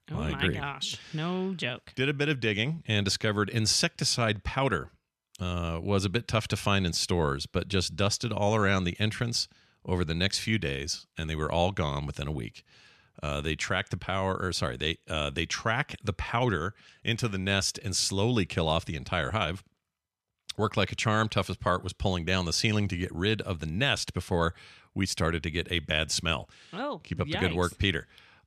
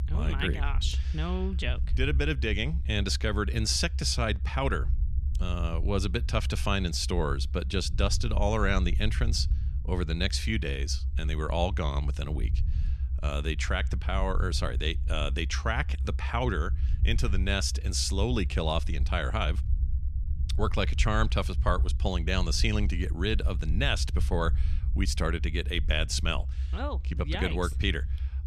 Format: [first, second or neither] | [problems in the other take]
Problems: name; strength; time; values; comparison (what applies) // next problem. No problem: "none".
first | low rumble; noticeable; throughout; 20 dB below the speech